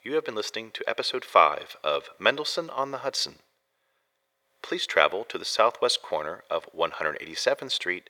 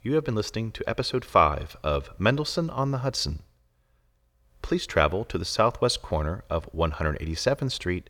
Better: second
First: thin; very; fading below 500 Hz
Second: none

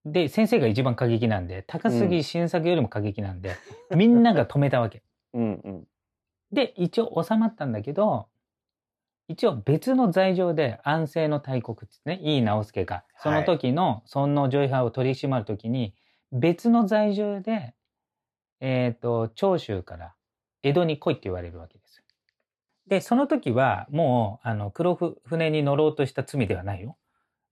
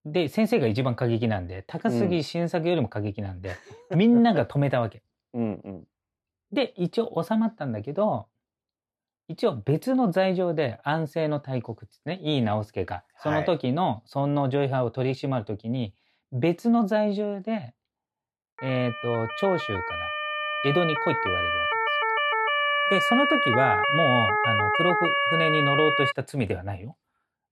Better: first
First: none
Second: siren; loud; from 19 to 26 s; peak 5 dB above the speech

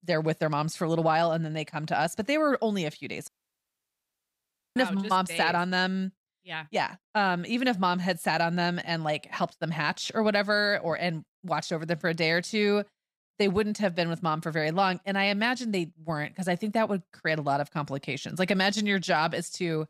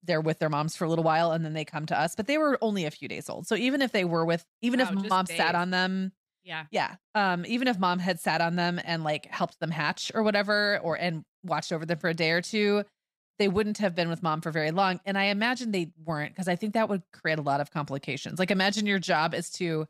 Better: second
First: audio cutting out; at 3.5 s for 1.5 s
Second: none

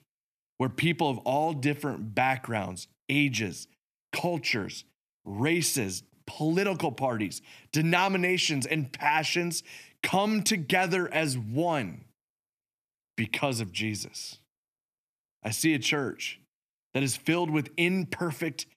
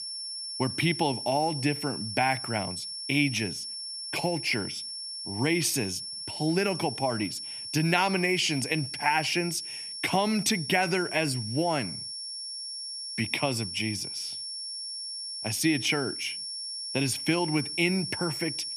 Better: first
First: none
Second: high-pitched whine; loud; throughout; 5.5 kHz, 6 dB below the speech

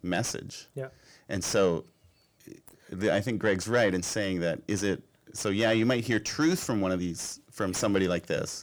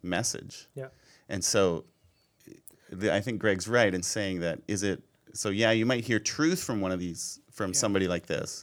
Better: second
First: distortion; slight; 10 dB below the speech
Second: none

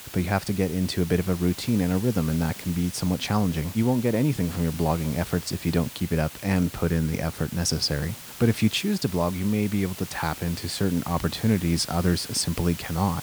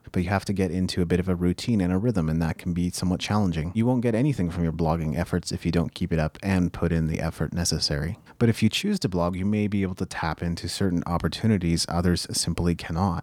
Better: second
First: hiss; noticeable; throughout; 10 dB below the speech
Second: none

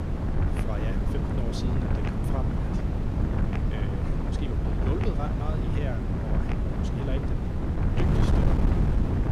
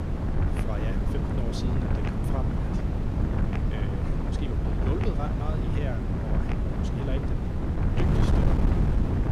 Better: neither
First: wind noise on the microphone; heavy; 5 dB above the speech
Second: wind noise on the microphone; heavy; 5 dB above the speech

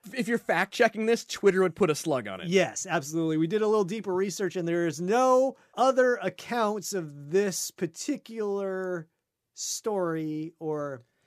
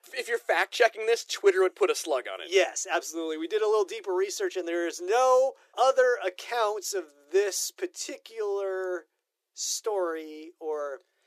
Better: first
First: none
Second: thin; very; fading below 350 Hz

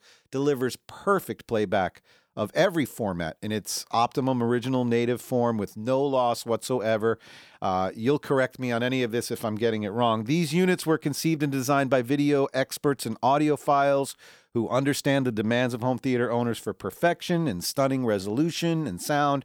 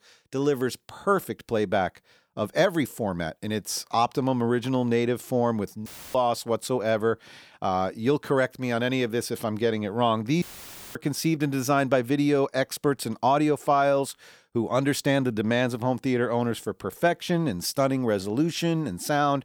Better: first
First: none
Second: audio cutting out; filled with static; at 6 s and at 10 s for 0.5 s

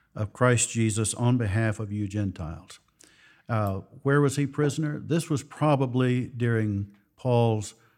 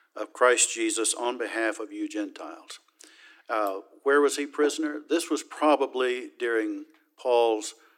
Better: first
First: none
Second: thin; very; fading below 300 Hz

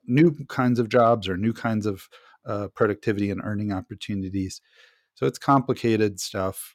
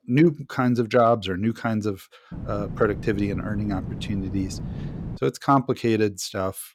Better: first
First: none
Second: wind noise on the microphone; occasional gusts; from 2.5 to 5 s; 20 dB below the speech

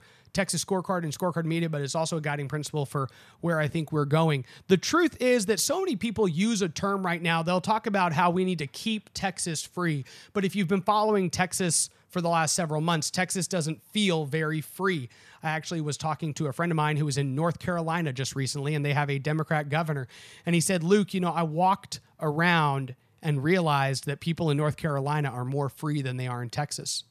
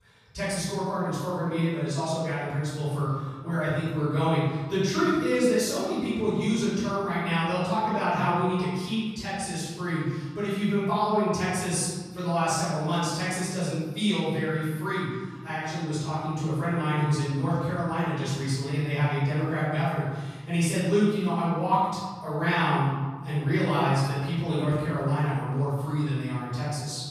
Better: first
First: none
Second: off-mic speech; far // room echo; strong; dies away in 1.3 s

